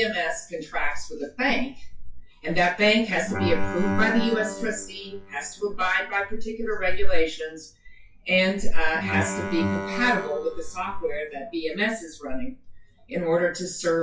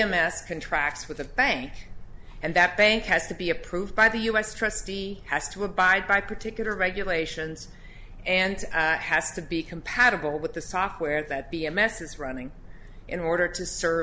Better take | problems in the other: second | noise reduction (classical method WPE with log-MMSE)

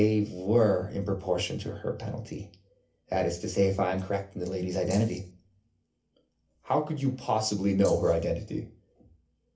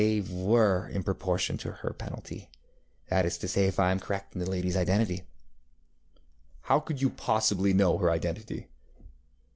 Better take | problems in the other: second | background sound (Rattle (instrument)); 18 dB below the speech // room echo; dies away in 0.3 s

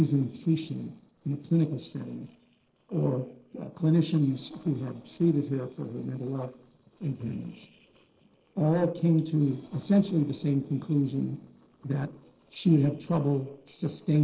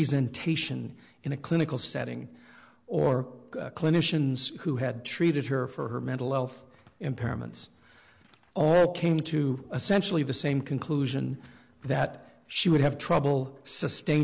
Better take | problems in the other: second | noise reduction (neural separator model SepFormer DNS4)

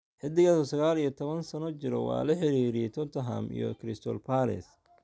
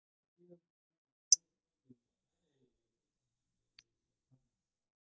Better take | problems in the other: first | noise reduction (neural mask model DeepFilterNet 3)

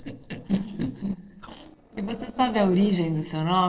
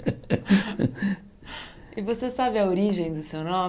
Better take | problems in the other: second | noise reduction (neural separator model SepFormer DNS4)

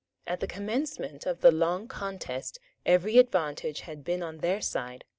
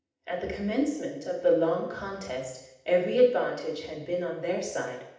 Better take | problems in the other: first | room echo; dies away in 0.8 s

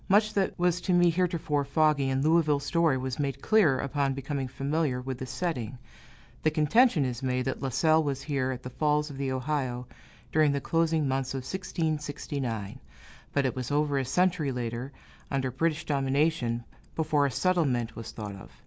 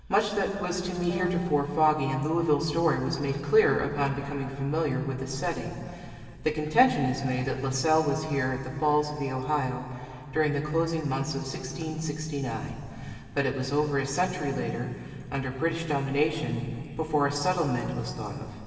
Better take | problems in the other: first | background sound (Wind instrument, woodwind instrument); 11 dB below the speech // room echo; dies away in 2.6 s

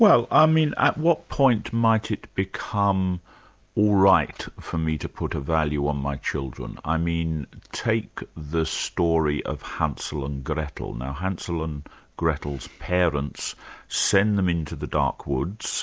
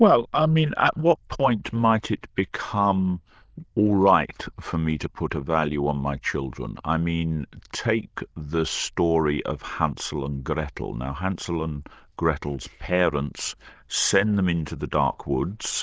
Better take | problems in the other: first | noise reduction (neural diffusion model UNIVERSE++)

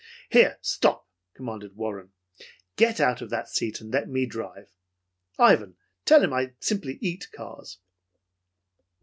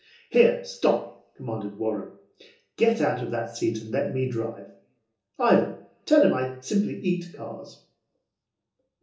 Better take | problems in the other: first | room echo; dies away in 1.2 s

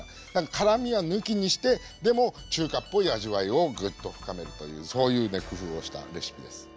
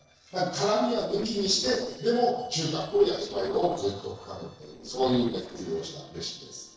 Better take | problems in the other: first | noise reduction (neural separator model SepFormer DNS4)

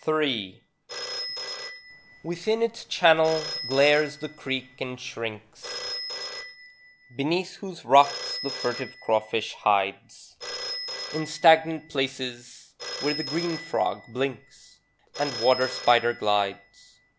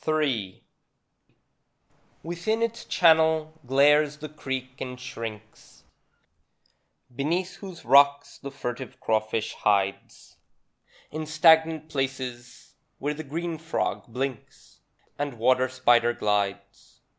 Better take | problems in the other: second | background sound (Telephone); 11 dB below the speech

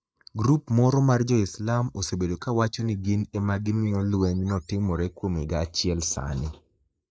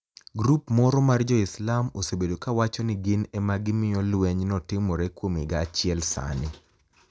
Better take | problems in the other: second | noise reduction (neural mask model Resemble Enhance denoiser)

